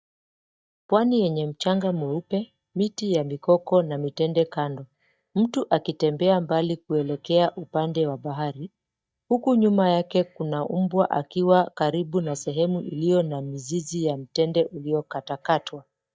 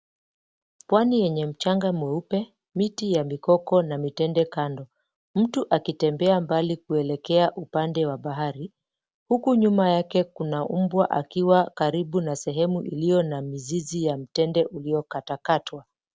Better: second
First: noise reduction (neural mask model DeepFilterNet 3)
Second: none

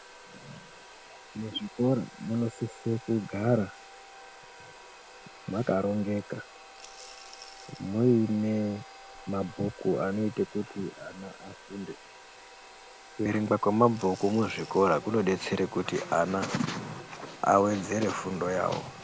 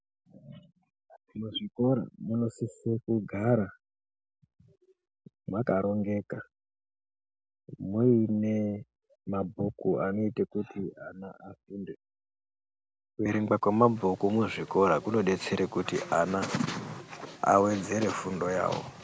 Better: second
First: background sound (Domestic sounds, home sounds + Coin (dropping) / Glass); 19 dB below the speech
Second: none

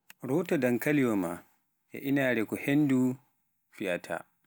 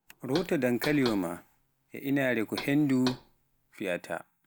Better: first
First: none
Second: background sound (Knock); 13 dB below the speech

